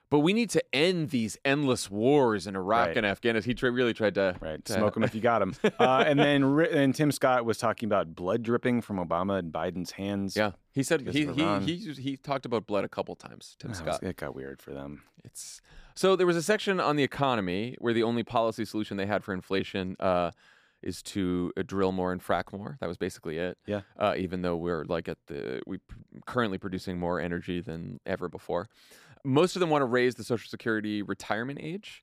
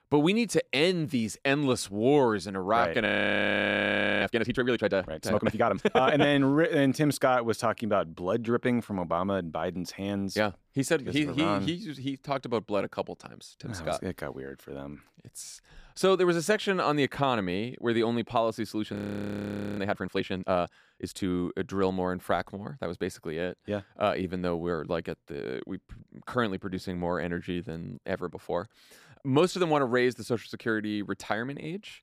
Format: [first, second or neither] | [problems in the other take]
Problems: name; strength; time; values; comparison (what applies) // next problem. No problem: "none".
first | audio freezing; at 3 s for 1 s and at 19 s for 1 s